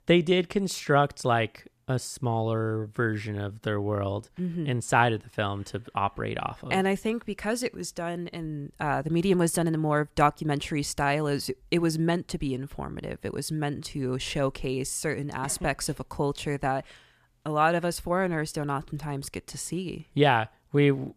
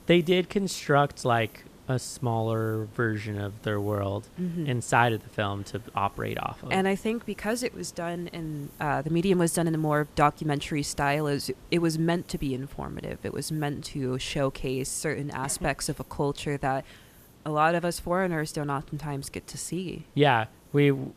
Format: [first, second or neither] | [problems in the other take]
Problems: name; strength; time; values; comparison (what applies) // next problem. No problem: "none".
first | hiss; faint; throughout; 25 dB below the speech